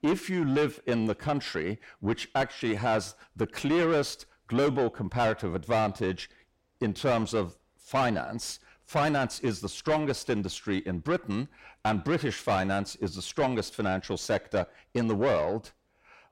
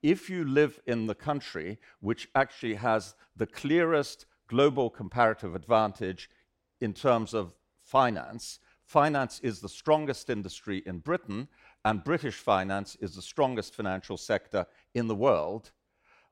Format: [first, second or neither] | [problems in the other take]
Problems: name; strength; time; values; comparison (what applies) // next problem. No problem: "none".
second | distortion; heavy; 6 dB below the speech